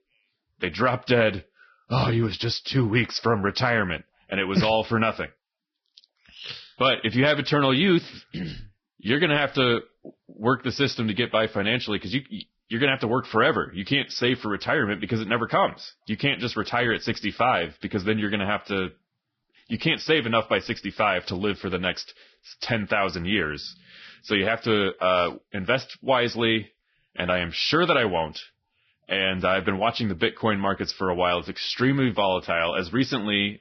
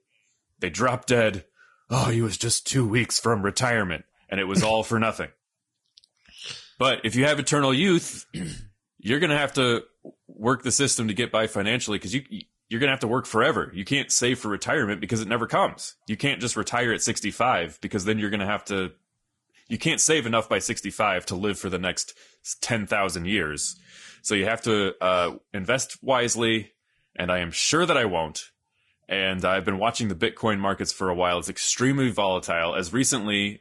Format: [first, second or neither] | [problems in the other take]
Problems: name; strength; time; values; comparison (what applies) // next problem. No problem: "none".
second | garbled, watery; badly; nothing above 5.5 kHz; slightly in the second